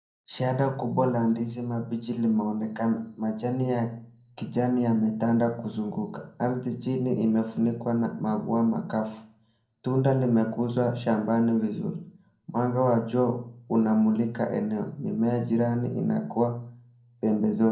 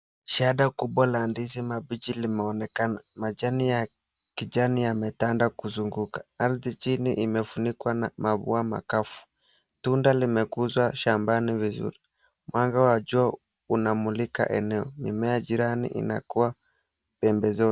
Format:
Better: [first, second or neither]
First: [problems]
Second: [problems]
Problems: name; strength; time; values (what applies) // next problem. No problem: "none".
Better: second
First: room echo; dies away in 0.6 s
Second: none